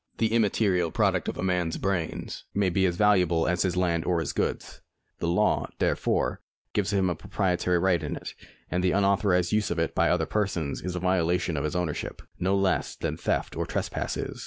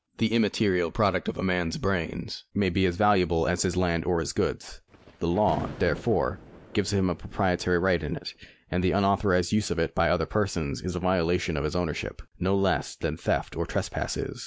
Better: first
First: none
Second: background sound (Thunder); 16 dB below the speech

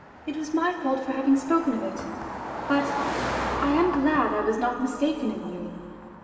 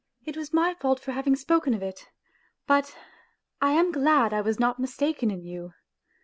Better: second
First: background sound (Car passing by); 8 dB below the speech // room echo; dies away in 2.6 s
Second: none

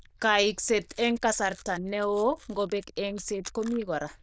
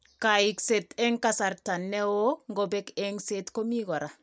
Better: second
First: noise reduction (neural diffusion model UNIVERSE++)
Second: none

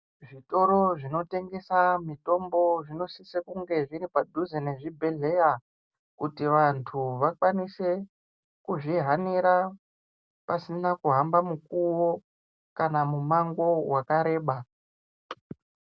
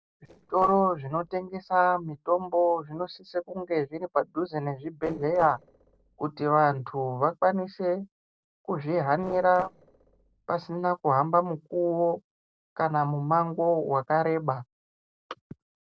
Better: first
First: none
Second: noise reduction (neural separator model SepFormer DNS4)

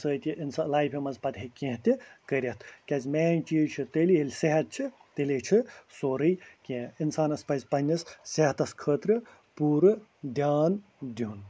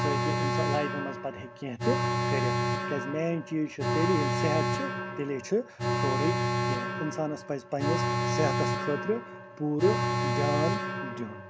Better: first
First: none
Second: background sound (Alarm); 2 dB above the speech

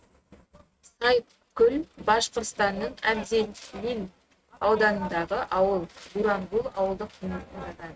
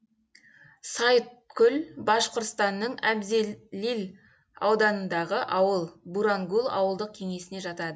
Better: second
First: noise reduction (neural mask model RNNoise)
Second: none

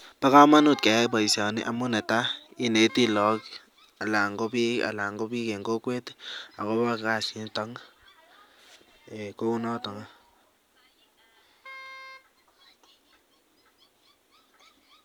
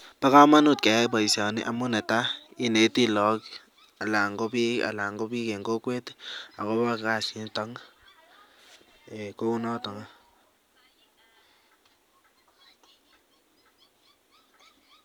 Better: second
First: background sound (Wind instrument, woodwind instrument); 20 dB below the speech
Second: none

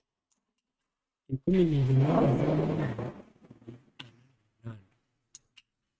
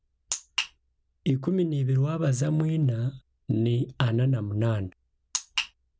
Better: second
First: noise reduction (neural mask model RNNoise)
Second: none

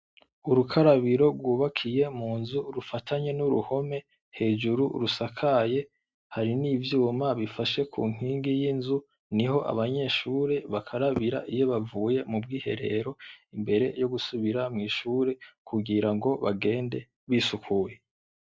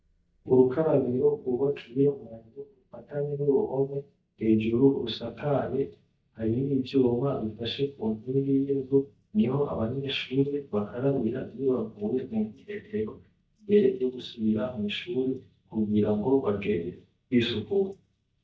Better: first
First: none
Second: noise reduction (neural mask model DeepFilterNet 3)

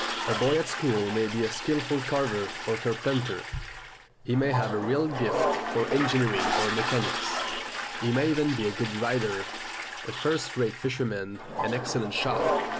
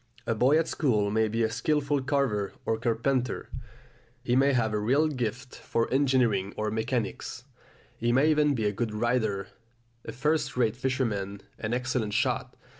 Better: second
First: background sound (Toilet flush); 3 dB below the speech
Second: none

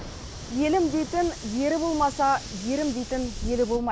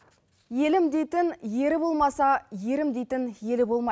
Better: second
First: background sound (Hiss + Thunder / Rain); 11 dB below the speech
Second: none

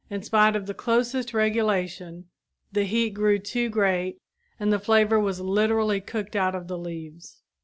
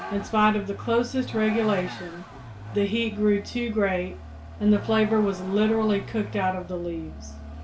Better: first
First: none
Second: background sound (Vehicle); 13 dB below the speech // room echo; dies away in 0.3 s

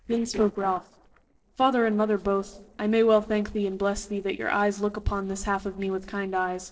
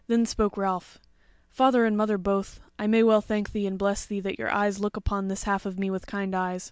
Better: second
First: noise reduction (neural separator model SepFormer DNS4)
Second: none

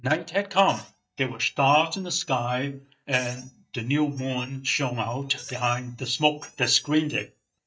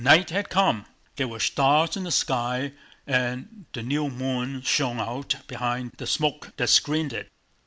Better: second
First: noise reduction (neural mask model DeepFilterNet 3)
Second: none

